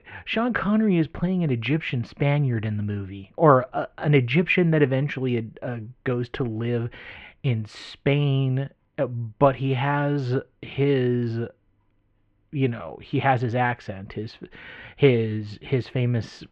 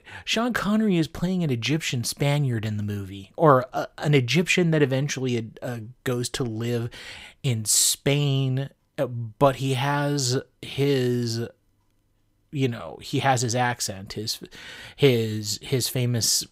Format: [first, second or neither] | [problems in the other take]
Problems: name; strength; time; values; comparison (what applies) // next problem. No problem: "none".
second | muffled; very; fading above 2.5 kHz